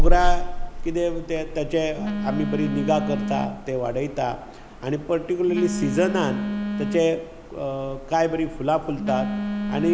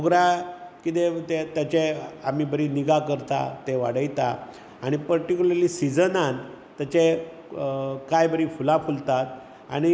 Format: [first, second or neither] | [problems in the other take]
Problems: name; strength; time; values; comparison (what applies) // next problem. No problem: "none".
second | background sound (Telephone); as loud as the speech